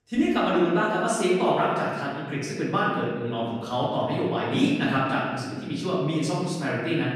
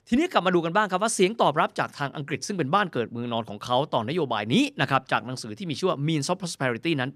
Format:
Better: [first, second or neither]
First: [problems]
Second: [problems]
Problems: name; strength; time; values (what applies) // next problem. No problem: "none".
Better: second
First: room echo; noticeable; dies away in 1.6 s // off-mic speech; far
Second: none